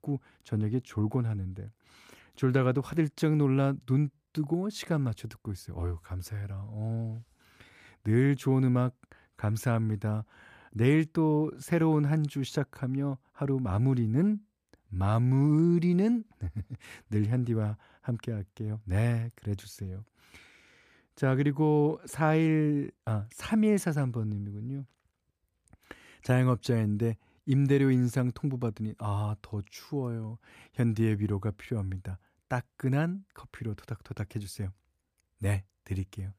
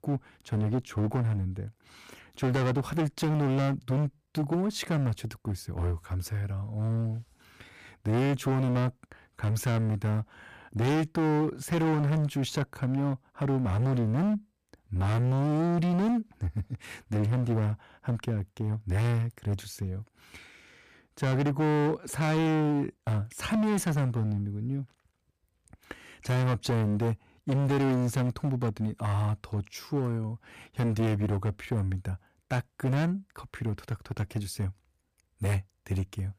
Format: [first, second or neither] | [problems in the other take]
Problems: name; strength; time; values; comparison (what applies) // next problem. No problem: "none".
first | distortion; heavy; 18% of the sound clipped